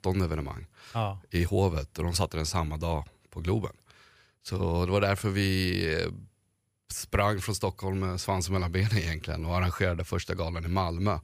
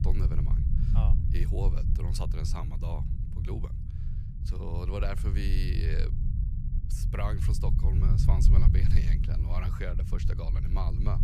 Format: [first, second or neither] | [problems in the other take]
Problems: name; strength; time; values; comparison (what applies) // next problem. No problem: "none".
first | low rumble; loud; throughout; 3 dB below the speech